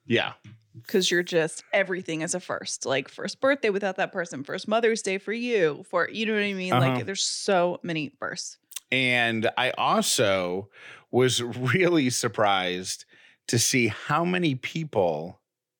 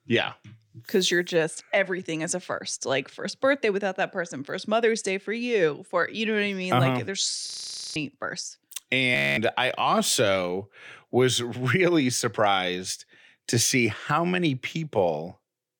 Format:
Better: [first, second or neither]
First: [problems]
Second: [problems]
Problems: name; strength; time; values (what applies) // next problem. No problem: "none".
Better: first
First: none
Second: audio freezing; at 7.5 s and at 9 s